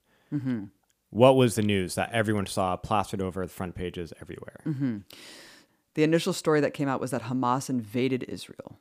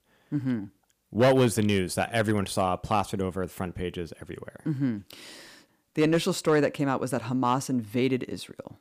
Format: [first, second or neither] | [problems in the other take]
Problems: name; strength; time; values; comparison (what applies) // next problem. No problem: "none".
first | distortion; slight; 1.8% of the sound clipped